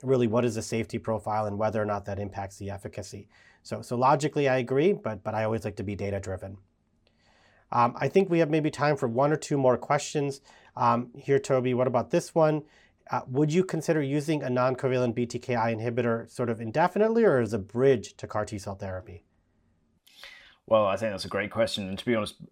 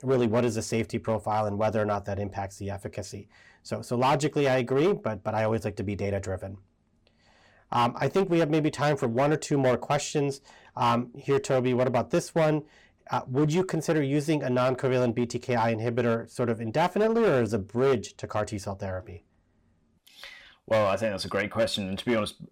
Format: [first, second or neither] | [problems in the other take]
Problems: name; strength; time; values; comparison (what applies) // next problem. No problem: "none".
first | distortion; slight; 7% of the sound clipped